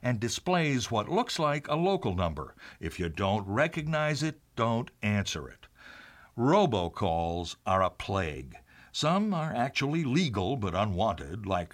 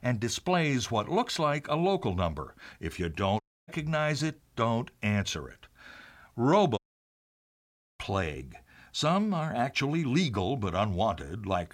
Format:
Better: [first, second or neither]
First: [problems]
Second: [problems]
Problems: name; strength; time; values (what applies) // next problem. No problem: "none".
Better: first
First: none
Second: audio cutting out; at 3.5 s and at 7 s for 1 s